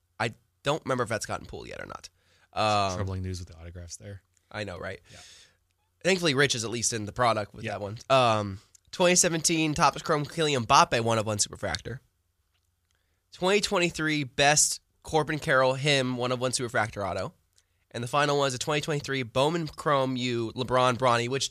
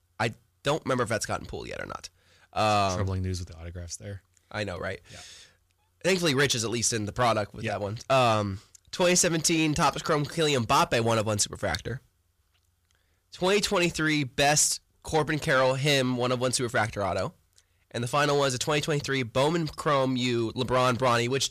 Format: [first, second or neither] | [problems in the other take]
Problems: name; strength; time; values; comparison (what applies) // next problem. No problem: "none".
first | distortion; slight; 10 dB below the speech